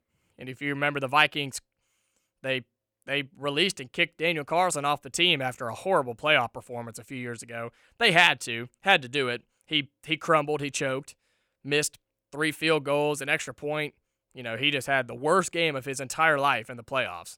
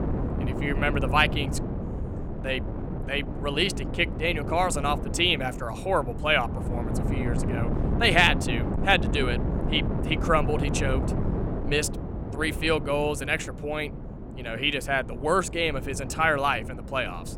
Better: first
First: none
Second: wind noise on the microphone; occasional gusts; 10 dB below the speech

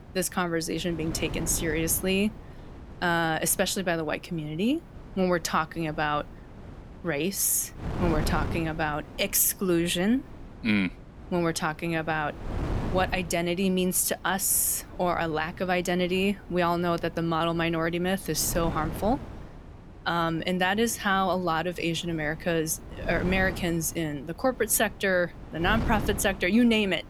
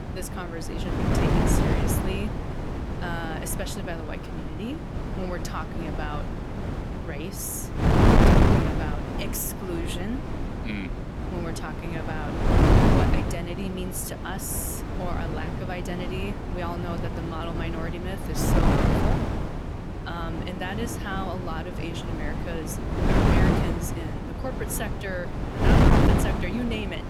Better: first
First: wind noise on the microphone; occasional gusts; 15 dB below the speech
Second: wind noise on the microphone; heavy; 4 dB above the speech

